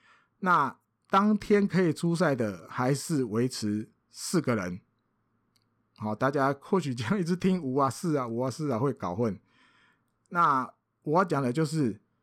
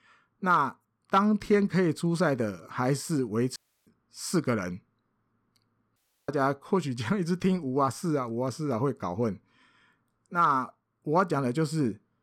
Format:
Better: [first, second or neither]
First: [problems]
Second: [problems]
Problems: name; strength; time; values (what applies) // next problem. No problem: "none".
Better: first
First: none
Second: audio cutting out; at 3.5 s and at 6 s